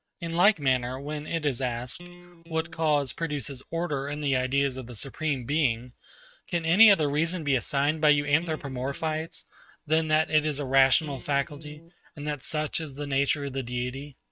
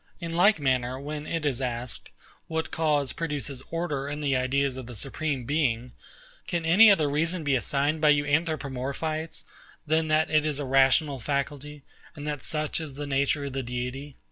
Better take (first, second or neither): second